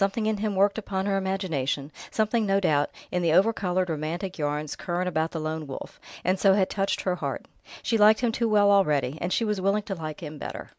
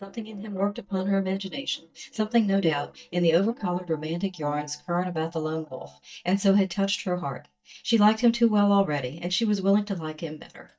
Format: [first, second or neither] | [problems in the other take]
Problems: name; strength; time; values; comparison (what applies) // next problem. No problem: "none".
first | noise reduction (neural mask model DeepFilterNet 3)